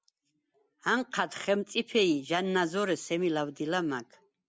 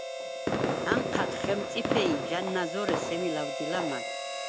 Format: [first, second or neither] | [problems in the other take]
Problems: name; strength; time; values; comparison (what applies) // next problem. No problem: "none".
first | background sound (Fireworks + Harmonica); 2 dB above the speech